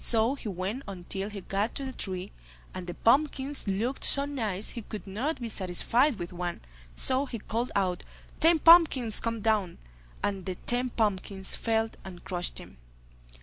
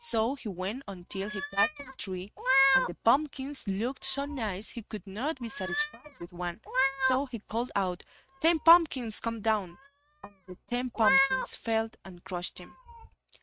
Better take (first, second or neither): first